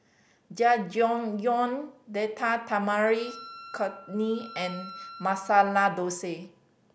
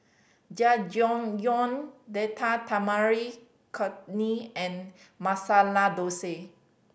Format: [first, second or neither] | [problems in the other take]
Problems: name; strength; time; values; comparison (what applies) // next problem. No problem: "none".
second | background sound (Wind instrument, woodwind instrument); 18 dB below the speech